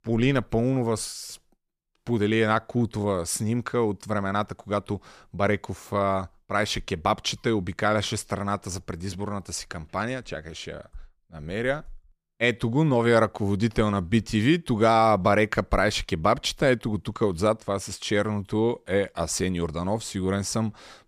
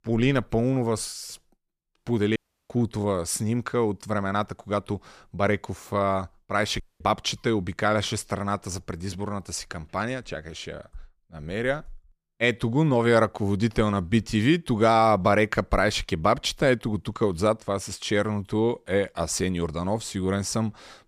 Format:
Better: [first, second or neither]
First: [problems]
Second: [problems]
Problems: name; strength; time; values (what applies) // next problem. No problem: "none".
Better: first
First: none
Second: audio cutting out; at 2.5 s and at 7 s